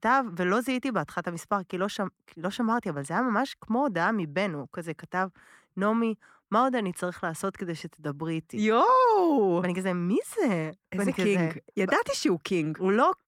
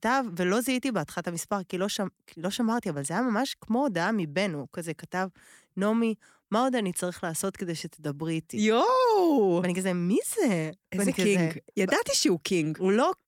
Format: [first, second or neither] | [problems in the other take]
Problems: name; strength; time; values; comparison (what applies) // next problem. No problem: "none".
second | muffled; slightly; fading above 3.5 kHz